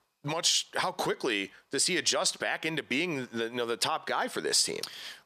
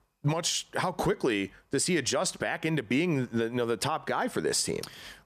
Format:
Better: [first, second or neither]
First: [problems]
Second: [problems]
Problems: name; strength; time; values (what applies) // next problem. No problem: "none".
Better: second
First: thin; very slightly; fading below 500 Hz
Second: none